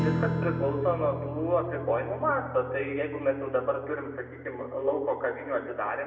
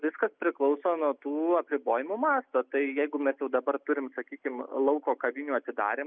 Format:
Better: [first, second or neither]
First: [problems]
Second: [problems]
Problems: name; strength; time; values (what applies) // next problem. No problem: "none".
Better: second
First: background sound (Strum); 6 dB below the speech // room echo; dies away in 1.1 s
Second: none